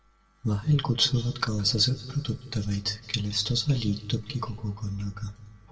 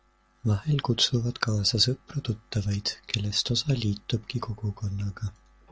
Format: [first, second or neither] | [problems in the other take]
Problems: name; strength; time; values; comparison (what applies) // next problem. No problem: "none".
second | room echo; dies away in 1.5 s